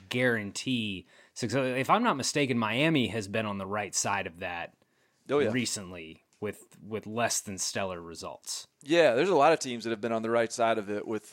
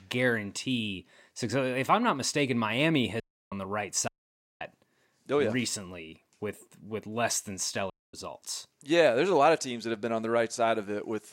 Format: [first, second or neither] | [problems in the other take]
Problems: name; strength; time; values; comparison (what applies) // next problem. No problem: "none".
first | audio cutting out; at 3 s, at 4 s for 0.5 s and at 8 s